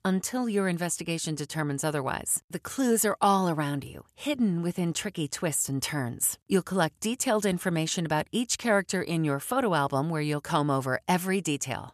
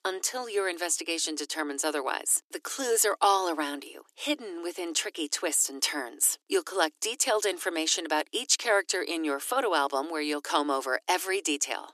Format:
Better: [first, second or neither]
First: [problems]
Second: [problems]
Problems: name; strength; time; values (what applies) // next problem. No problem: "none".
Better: first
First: none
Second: thin; somewhat; fading below 300 Hz